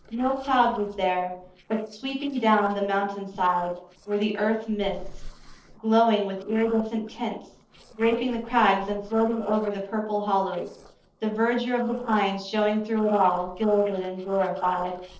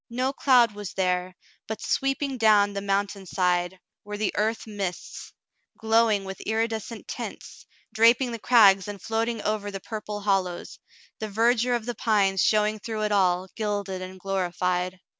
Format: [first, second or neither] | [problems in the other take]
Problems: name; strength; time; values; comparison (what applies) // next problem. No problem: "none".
second | noise reduction (neural separator model SepFormer DNS4)